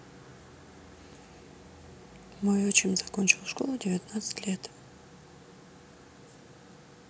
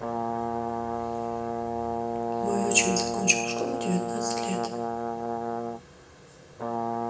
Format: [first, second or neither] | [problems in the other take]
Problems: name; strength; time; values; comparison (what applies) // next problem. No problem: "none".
first | background sound (Brass instrument); 2 dB above the speech // room echo; dies away in 0.7 s